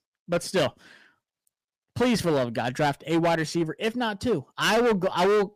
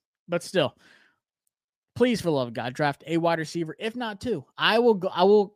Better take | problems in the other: second | distortion; heavy; 12% of the sound clipped

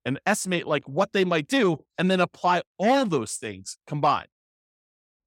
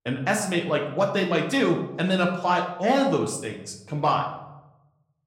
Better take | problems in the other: first | room echo; slight; dies away in 0.7 s

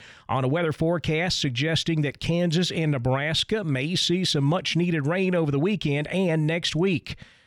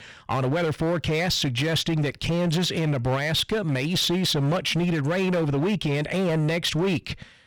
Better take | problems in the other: first | distortion; slight; 18% of the sound clipped

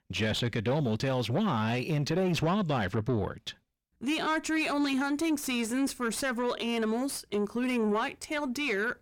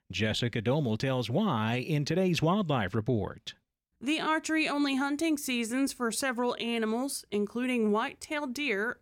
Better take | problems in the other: second | distortion; slight; 10 dB below the speech

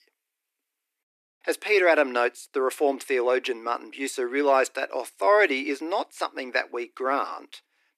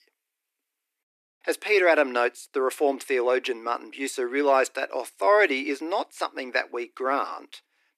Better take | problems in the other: neither | thin; somewhat; fading below 300 Hz; the same in both

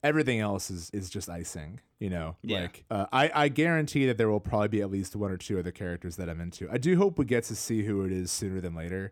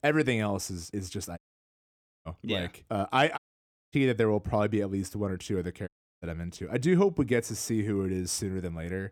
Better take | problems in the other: first | audio cutting out; at 1.5 s for 1 s, at 3.5 s for 0.5 s and at 6 s

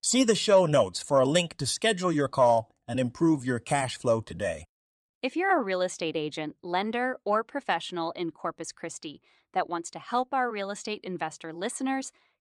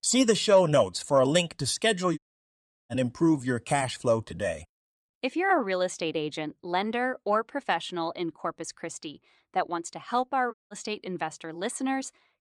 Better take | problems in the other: first | audio cutting out; at 2 s for 0.5 s and at 11 s

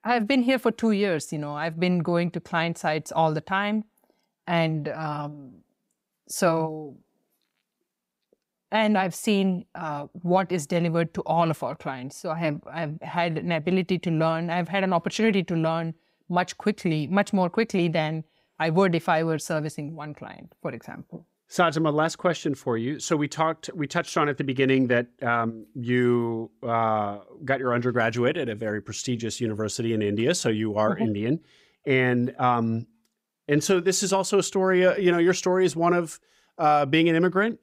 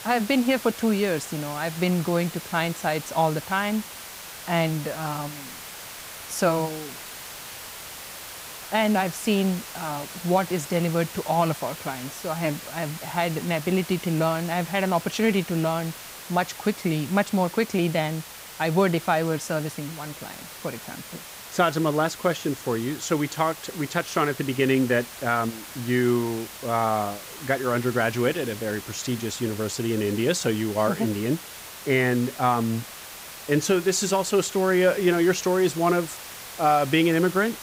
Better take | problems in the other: first | hiss; noticeable; throughout; 10 dB below the speech

